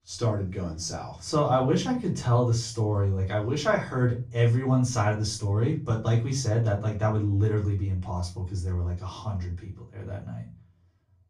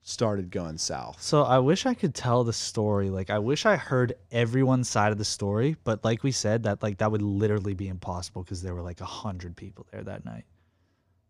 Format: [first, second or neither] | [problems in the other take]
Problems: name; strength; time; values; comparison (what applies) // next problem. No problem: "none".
second | room echo; slight; dies away in 0.3 s // off-mic speech; far